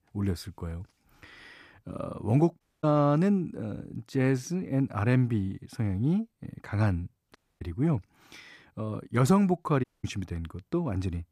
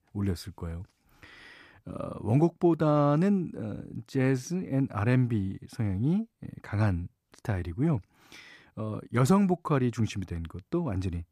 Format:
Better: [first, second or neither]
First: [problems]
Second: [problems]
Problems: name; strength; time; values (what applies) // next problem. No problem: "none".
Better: second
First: audio cutting out; at 2.5 s, at 7.5 s and at 10 s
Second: none